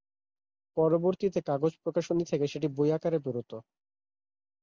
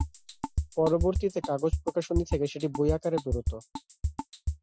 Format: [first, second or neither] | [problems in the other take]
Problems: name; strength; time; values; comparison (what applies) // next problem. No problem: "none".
first | noise reduction (classical method Wiener filter)